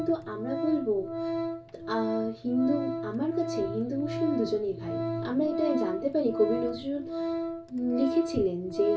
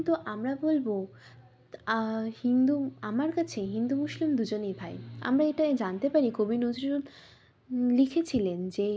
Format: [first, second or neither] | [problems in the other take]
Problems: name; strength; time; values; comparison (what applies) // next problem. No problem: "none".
second | background sound (Organ); 4 dB below the speech // room echo; dies away in 0.2 s